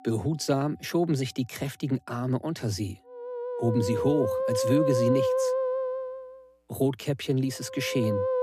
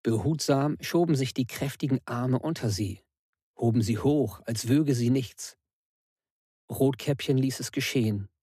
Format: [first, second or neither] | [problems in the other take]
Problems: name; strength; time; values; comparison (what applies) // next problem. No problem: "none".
second | background music; very loud; throughout; as loud as the speech